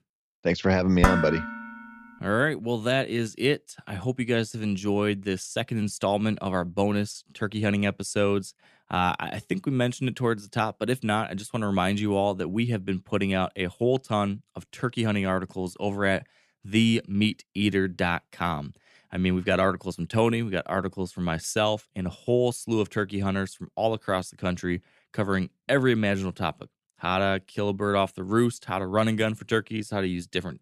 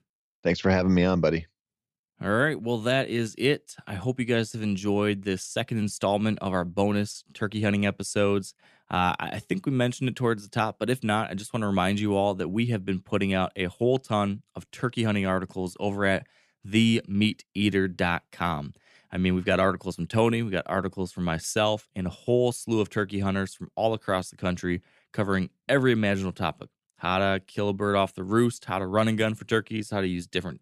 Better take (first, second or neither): second